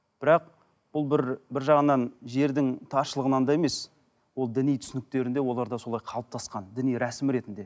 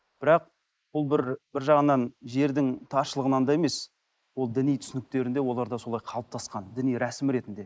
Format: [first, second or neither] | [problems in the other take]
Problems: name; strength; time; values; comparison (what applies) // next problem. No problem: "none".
first | noise reduction (neural mask model Resemble Enhance denoiser)